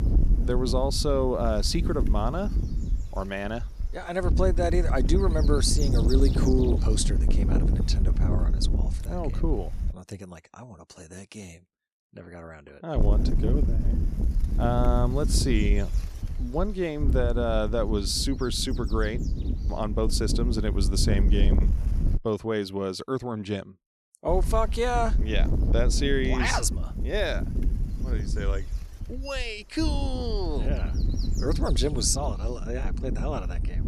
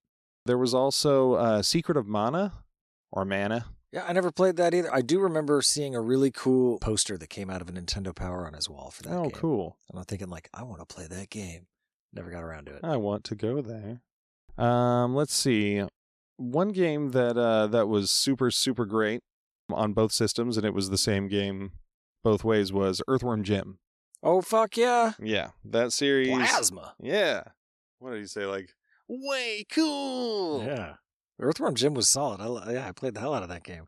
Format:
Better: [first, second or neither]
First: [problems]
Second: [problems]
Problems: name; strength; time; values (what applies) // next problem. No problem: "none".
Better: second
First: wind noise on the microphone; occasional gusts; until 10 s, from 13 to 22 s and from 24 s on; 10 dB below the speech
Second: none